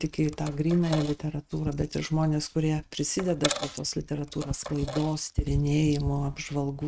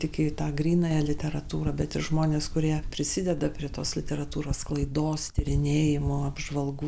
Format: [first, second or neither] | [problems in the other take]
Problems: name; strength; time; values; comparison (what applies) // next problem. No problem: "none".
second | noise reduction (neural mask model RNNoise)